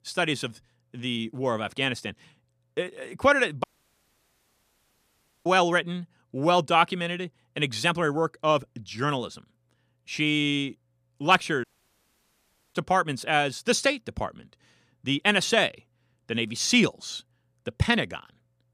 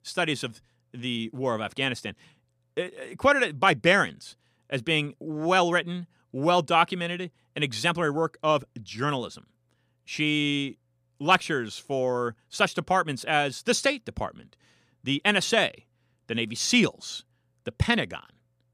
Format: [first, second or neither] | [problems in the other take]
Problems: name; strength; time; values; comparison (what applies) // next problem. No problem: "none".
second | audio cutting out; at 3.5 s for 2 s and at 12 s for 1 s